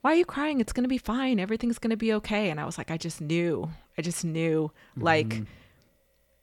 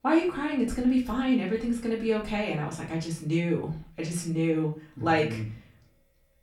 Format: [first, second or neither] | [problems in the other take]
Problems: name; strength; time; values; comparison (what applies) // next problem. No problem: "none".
first | off-mic speech; far // room echo; slight; dies away in 0.3 s